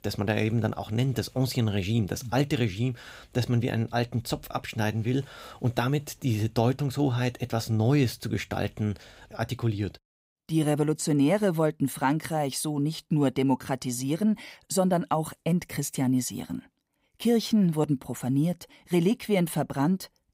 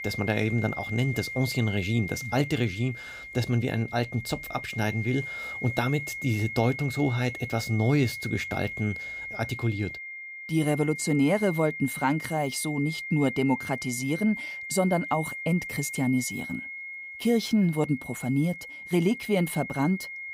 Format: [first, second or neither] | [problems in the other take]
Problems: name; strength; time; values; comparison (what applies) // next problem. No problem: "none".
first | high-pitched whine; loud; throughout; 2 kHz, 8 dB below the speech